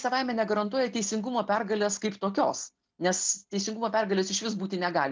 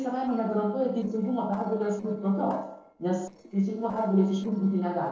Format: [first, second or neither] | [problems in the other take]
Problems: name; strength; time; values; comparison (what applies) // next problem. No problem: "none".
first | noise reduction (neural separator model SepFormer DNS4)